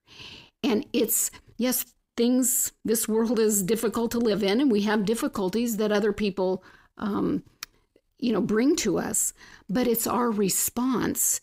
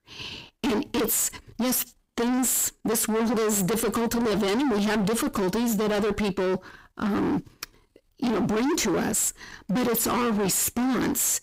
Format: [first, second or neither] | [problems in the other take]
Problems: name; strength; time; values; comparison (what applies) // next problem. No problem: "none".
first | distortion; heavy; 36% of the sound clipped